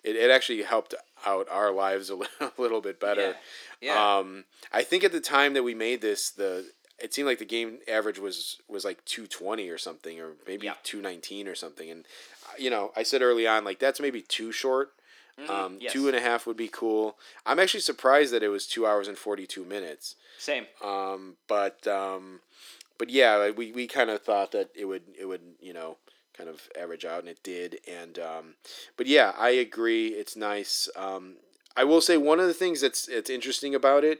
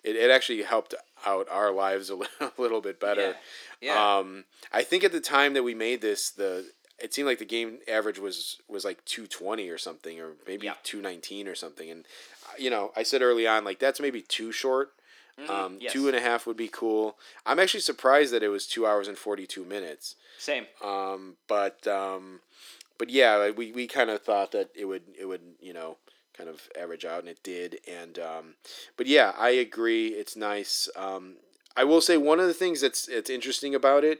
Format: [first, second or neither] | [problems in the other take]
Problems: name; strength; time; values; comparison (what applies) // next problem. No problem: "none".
neither | thin; somewhat; fading below 300 Hz; the same in both